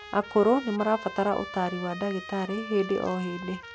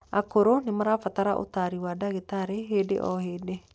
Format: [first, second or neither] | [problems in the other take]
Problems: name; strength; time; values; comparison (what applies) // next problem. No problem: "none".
second | background sound (Trumpet); 14 dB below the speech